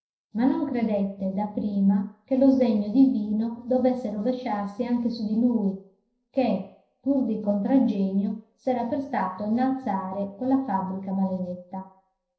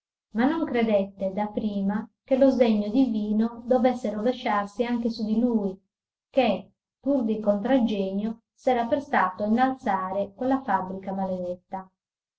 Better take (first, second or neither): second